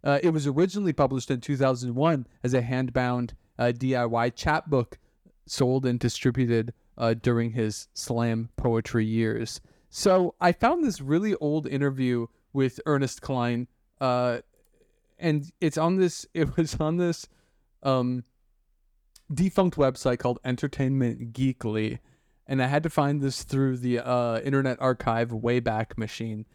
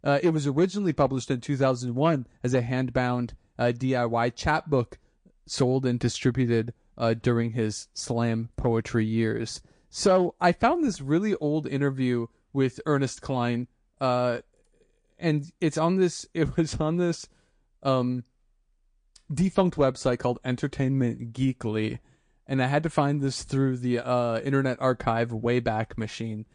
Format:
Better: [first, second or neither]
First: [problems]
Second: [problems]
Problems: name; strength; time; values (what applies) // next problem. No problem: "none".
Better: first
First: none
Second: garbled, watery; slightly; nothing above 8.5 kHz